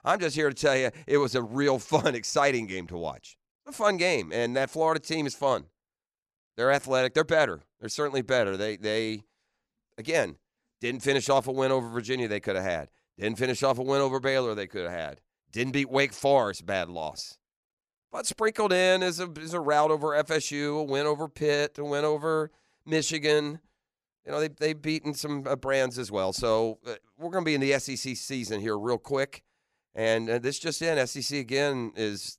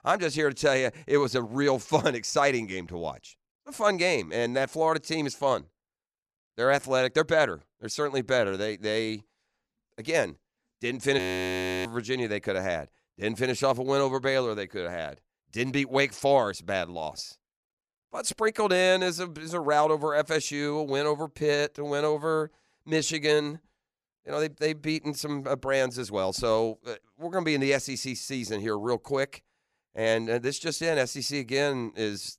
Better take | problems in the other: first | audio freezing; at 11 s for 0.5 s

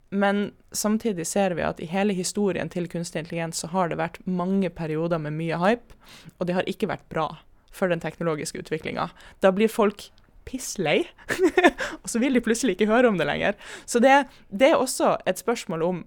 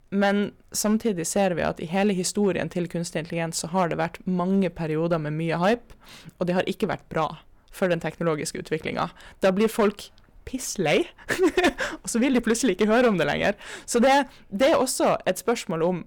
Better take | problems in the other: first | distortion; slight; 3% of the sound clipped

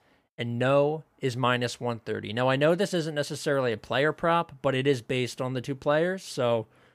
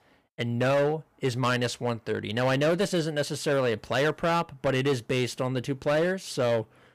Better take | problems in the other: first | distortion; slight; 9% of the sound clipped

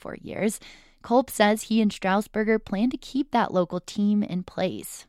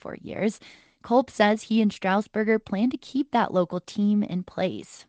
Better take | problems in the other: first | garbled, watery; slightly; nothing above 8 kHz

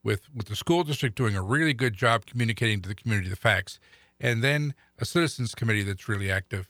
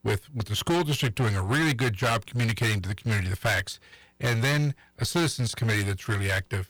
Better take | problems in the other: first | distortion; heavy; 18% of the sound clipped

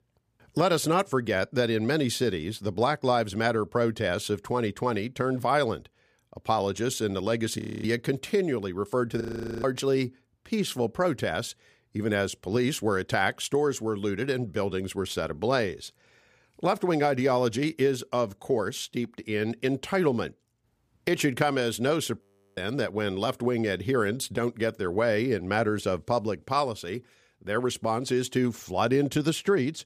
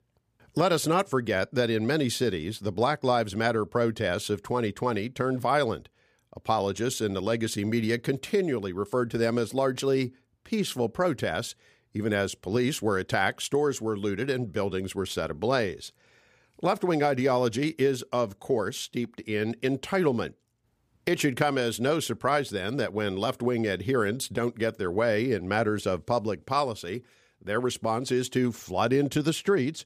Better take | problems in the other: second | audio freezing; at 7.5 s, at 9 s and at 22 s

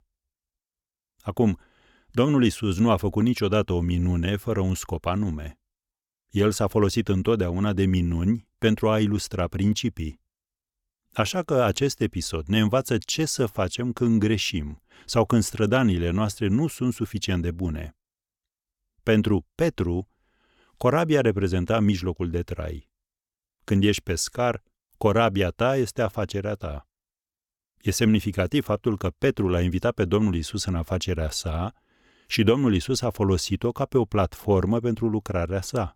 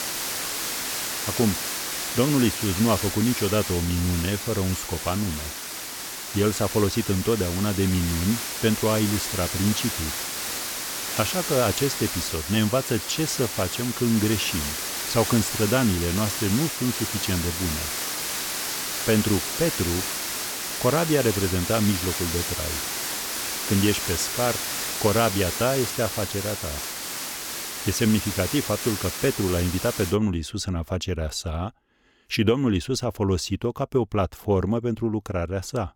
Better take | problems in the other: first | hiss; loud; until 30 s; 3 dB below the speech

